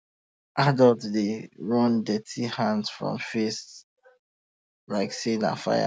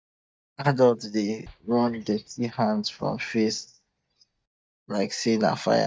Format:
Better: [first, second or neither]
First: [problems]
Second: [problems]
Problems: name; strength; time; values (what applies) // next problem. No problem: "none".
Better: first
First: none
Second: noise reduction (neural mask model DeepFilterNet 3)